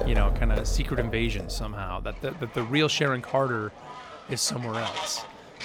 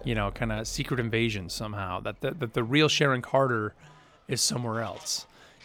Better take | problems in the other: second | animal sounds; loud; throughout; 6 dB below the speech; faint in the second

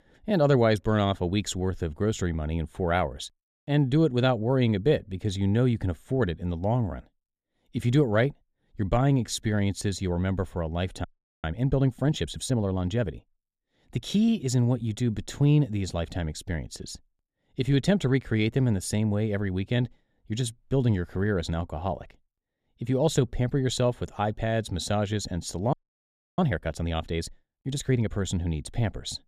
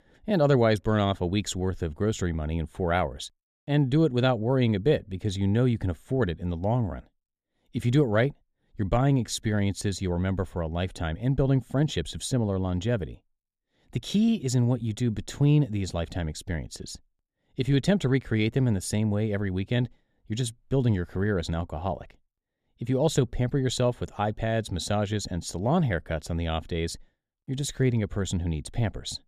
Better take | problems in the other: second | audio freezing; at 11 s and at 26 s for 0.5 s

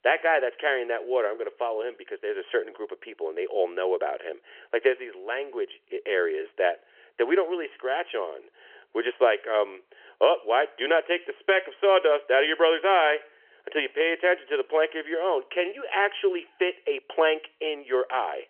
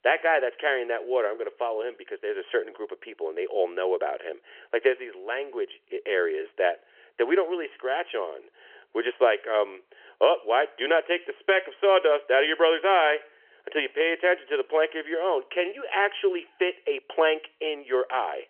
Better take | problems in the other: neither | phone-call audio; nothing above 3.5 kHz; the same in both

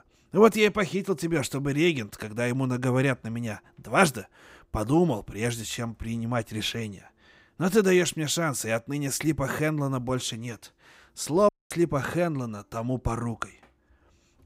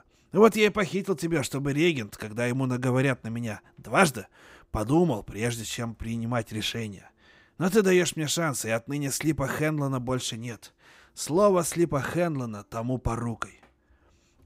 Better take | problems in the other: second | audio cutting out; at 11 s

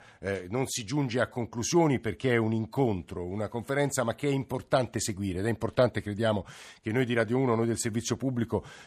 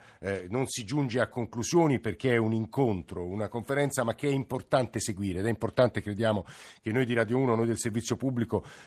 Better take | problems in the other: first | garbled, watery; slightly; nothing above 14 kHz

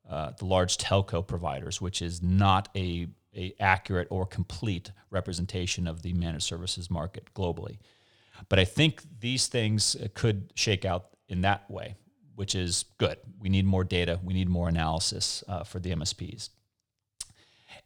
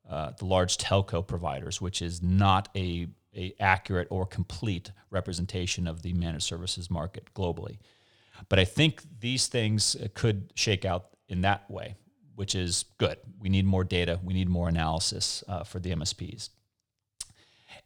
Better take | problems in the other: neither | none

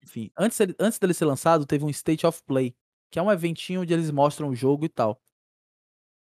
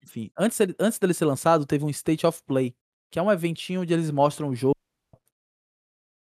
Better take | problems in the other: first | audio cutting out; at 4.5 s

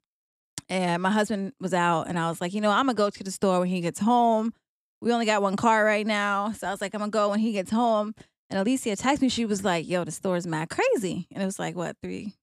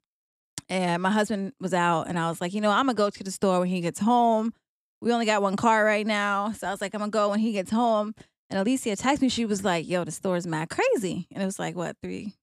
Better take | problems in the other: neither | none

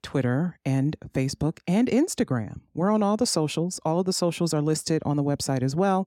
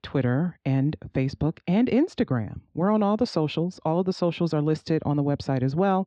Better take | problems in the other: first | muffled; slightly; fading above 4 kHz

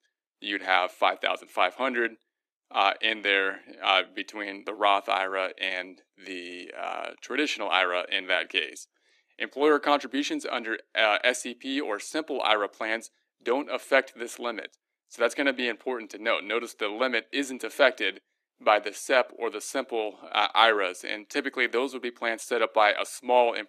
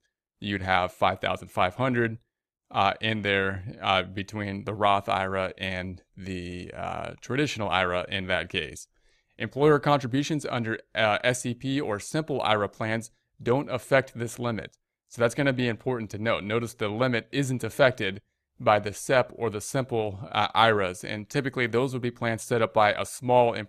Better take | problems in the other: second | thin; very slightly; fading below 300 Hz

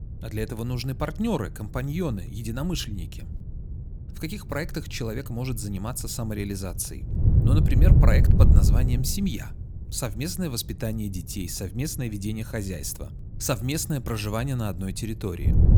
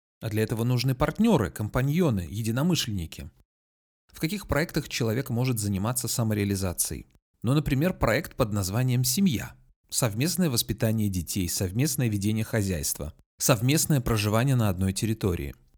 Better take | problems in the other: second | wind noise on the microphone; heavy; 3 dB below the speech

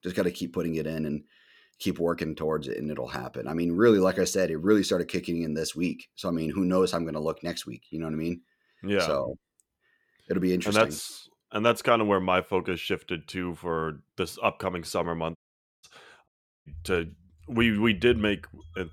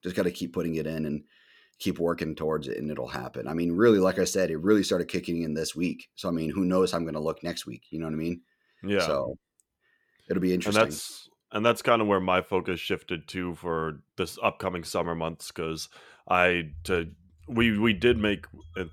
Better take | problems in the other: second | audio cutting out; at 15 s and at 16 s

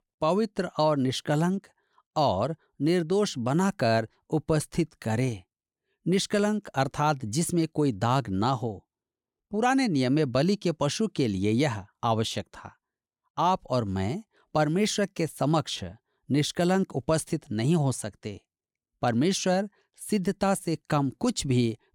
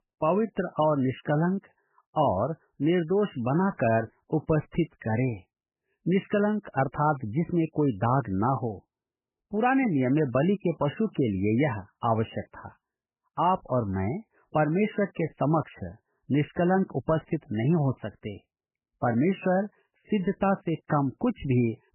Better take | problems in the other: first | garbled, watery; badly; nothing above 3 kHz

